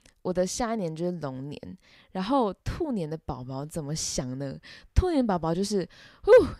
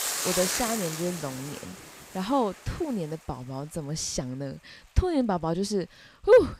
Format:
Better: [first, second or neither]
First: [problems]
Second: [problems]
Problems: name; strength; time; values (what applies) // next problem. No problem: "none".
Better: first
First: none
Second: hiss; loud; throughout; 4 dB below the speech